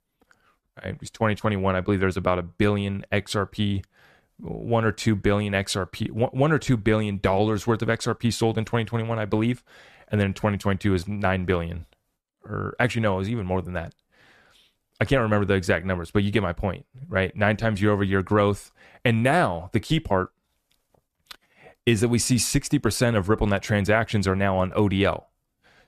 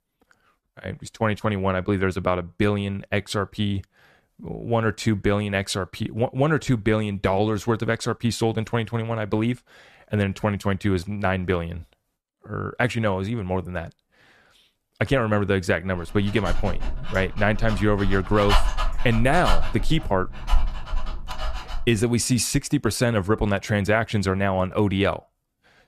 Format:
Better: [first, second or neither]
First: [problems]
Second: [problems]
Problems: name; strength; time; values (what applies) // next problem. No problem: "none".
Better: first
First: none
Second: dog barking; loud; from 16 to 22 s; peak level with the speech